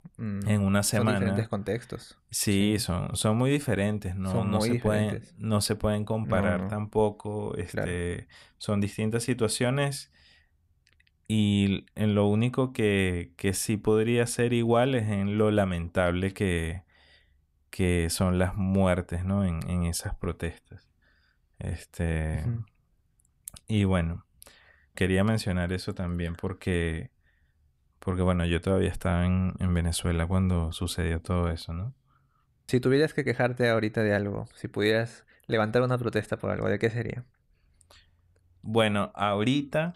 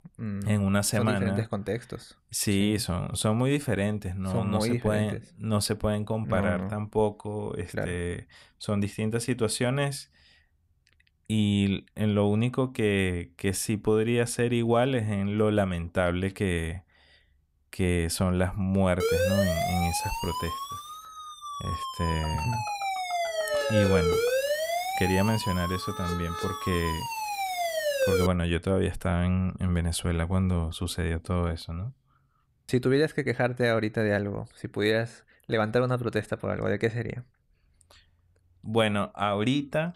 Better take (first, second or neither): first